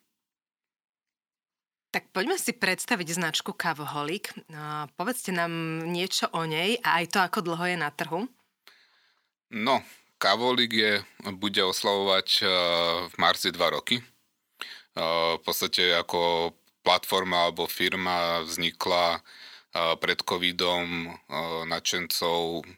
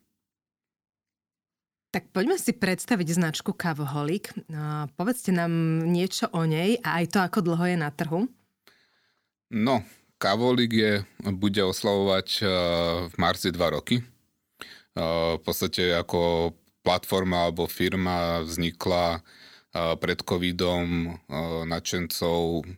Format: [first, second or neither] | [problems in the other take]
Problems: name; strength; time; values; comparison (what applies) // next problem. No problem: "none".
second | thin; somewhat; fading below 1 kHz